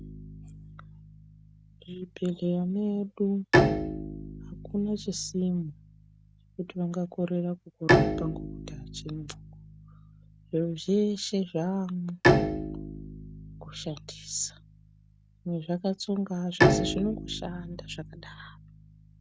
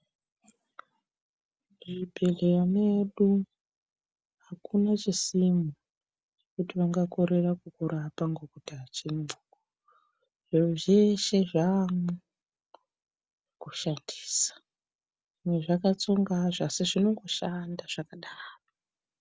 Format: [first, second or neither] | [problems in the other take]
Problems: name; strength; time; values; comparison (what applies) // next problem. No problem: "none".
second | background sound (Bowed string instrument); 2 dB above the speech